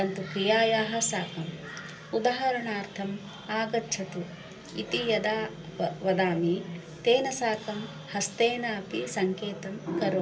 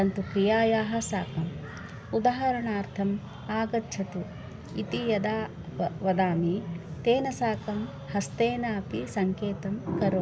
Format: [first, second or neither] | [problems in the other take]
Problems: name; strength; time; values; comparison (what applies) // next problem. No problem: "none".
second | room echo; dies away in 0.2 s